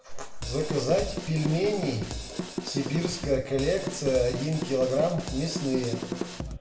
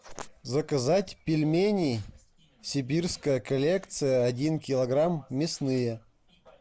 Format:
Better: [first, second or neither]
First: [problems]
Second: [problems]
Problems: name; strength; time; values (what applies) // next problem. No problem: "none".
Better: second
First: background sound (Drum kit); 7 dB below the speech // room echo; dies away in 0.8 s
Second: none